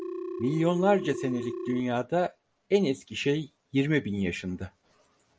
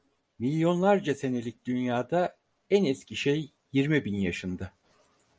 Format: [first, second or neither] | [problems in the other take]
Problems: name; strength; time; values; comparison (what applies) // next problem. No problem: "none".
second | background sound (Telephone); 11 dB below the speech